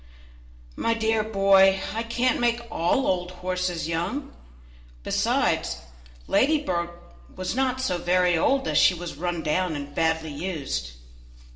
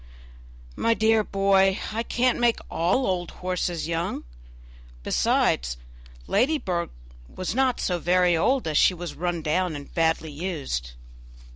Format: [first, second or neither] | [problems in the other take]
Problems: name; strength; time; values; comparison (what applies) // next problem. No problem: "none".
second | room echo; dies away in 0.6 s